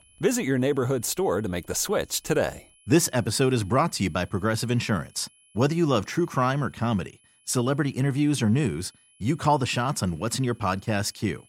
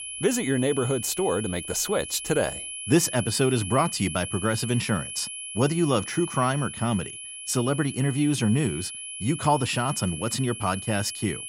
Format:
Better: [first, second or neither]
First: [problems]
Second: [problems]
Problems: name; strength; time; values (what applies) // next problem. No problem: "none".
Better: first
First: high-pitched whine; faint; throughout; 11 kHz, 30 dB below the speech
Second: high-pitched whine; loud; throughout; 11 kHz, 8 dB below the speech